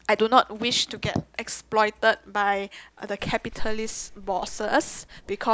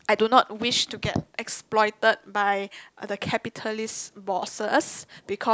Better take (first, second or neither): second